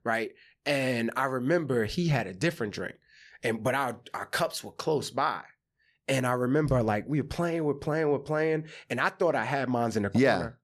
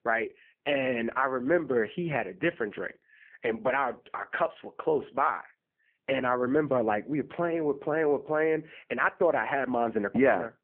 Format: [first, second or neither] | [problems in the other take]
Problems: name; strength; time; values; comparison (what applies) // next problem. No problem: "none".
first | phone-call audio; poor line